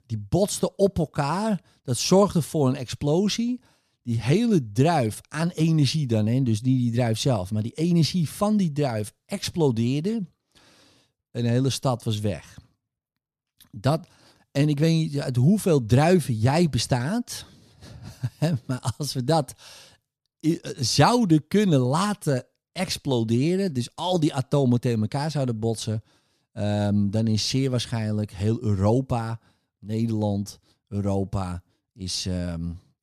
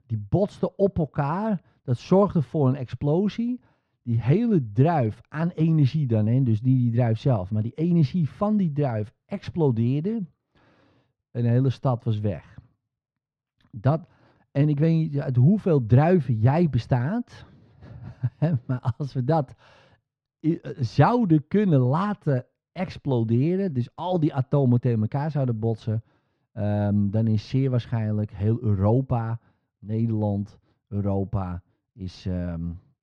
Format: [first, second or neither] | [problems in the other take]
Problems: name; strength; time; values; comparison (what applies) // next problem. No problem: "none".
first | muffled; very; fading above 2 kHz